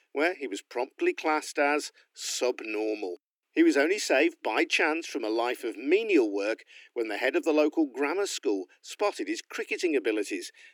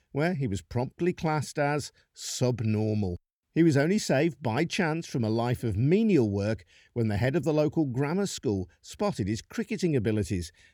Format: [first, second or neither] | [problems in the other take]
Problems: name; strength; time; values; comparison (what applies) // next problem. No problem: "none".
second | thin; somewhat; fading below 300 Hz